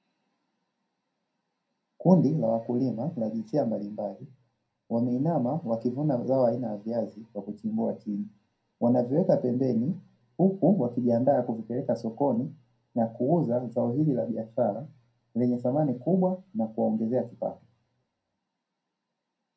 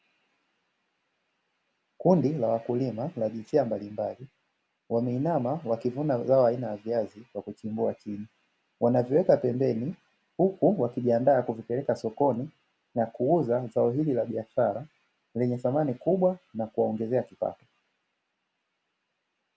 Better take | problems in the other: second | room echo; dies away in 0.2 s

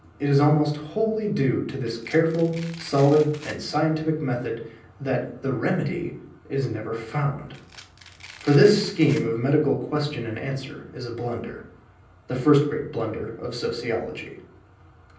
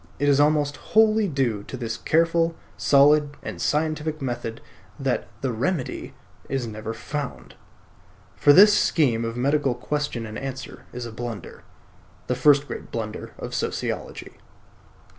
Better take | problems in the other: second | background sound (Domestic sounds, home sounds); 20 dB below the speech // room echo; dies away in 0.6 s

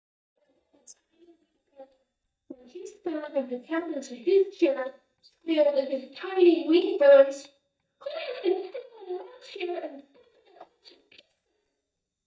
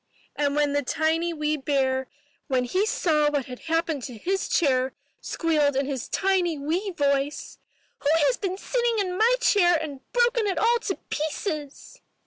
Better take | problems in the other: second | noise reduction (neural mask model DeepFilterNet 3)

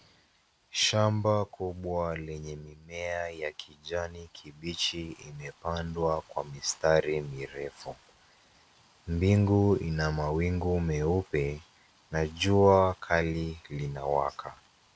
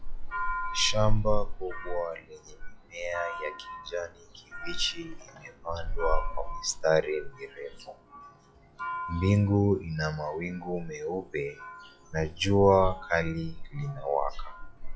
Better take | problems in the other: first | noise reduction (classical method log-MMSE)

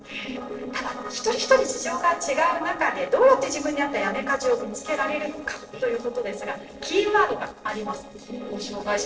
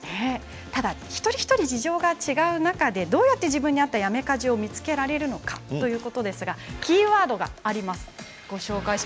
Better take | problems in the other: second | noise reduction (neural separator model SepFormer DNS4)

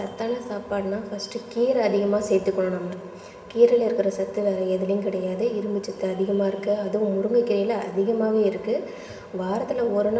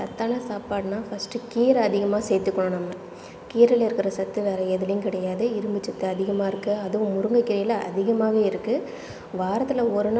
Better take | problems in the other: second | room echo; dies away in 1.4 s

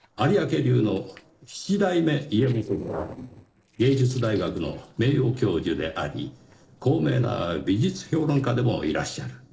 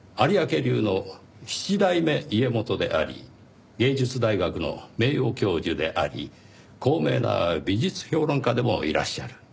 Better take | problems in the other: second | noise reduction (neural separator model SepFormer DNS4)

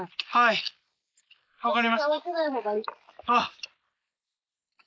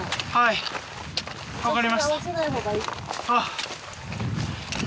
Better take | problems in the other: second | noise reduction (neural mask model Resemble Enhance denoiser)

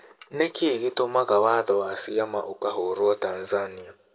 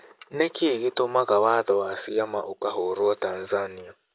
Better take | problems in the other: second | room echo; dies away in 0.4 s

